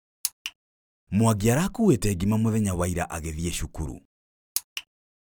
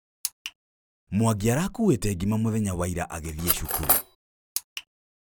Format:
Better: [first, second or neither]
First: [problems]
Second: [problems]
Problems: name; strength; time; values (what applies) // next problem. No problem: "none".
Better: first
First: none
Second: background sound (Cutlery, silverware); 1 dB above the speech